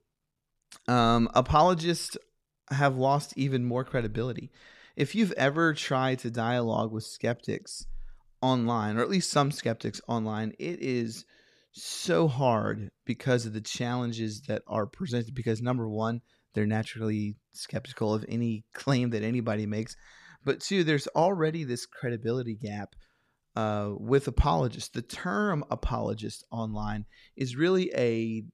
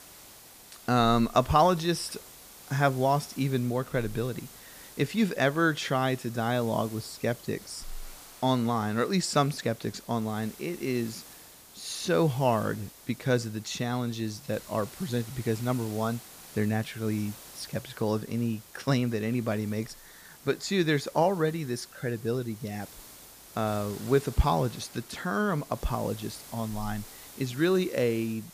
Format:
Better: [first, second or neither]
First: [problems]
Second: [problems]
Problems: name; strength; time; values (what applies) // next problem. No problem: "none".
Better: first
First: none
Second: hiss; noticeable; throughout; 20 dB below the speech